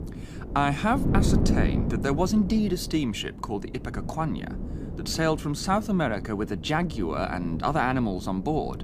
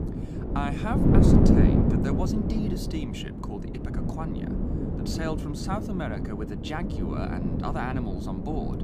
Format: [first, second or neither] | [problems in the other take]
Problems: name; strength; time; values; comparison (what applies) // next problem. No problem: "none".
first | wind noise on the microphone; heavy; 2 dB above the speech; occasional gusts in the first